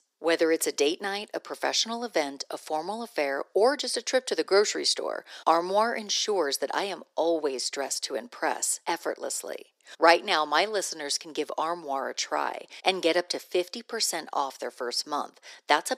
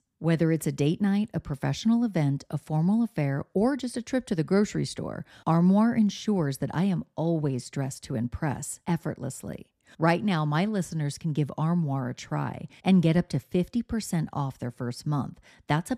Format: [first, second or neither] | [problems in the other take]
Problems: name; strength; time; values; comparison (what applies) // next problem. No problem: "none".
second | thin; very; fading below 400 Hz